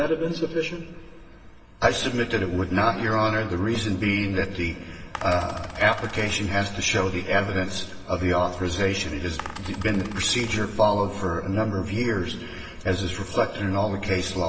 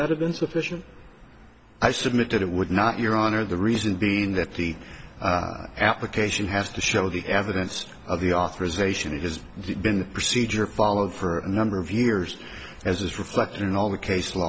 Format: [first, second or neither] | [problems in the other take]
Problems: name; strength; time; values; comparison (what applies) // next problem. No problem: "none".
second | background sound (Coin (dropping)); 15 dB below the speech // room echo; dies away in 2.1 s